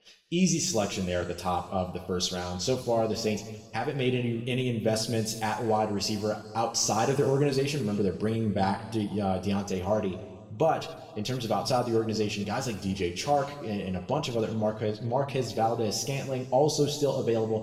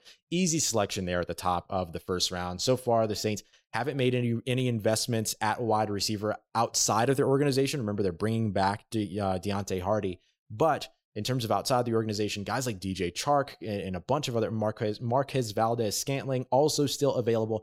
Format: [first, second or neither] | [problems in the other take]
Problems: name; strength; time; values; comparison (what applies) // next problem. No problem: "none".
second | room echo; noticeable; dies away in 1.5 s // off-mic speech; somewhat distant